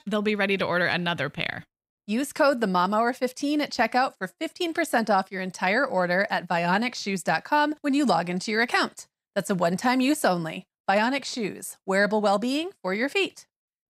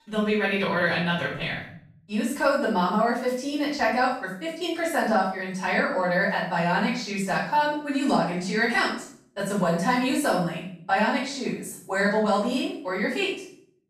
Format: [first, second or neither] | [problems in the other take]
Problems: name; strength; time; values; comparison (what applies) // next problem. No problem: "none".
first | room echo; noticeable; dies away in 0.6 s // off-mic speech; far